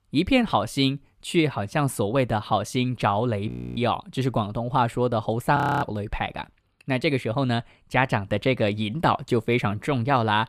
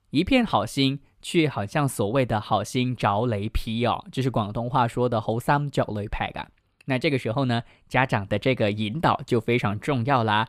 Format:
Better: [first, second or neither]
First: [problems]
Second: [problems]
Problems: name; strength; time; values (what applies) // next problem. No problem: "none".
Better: second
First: audio freezing; at 3.5 s and at 5.5 s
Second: none